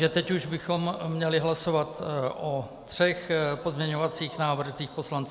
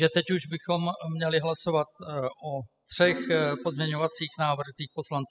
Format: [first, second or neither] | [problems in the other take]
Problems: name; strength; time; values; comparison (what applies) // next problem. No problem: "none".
first | noise reduction (classical method spectral subtraction)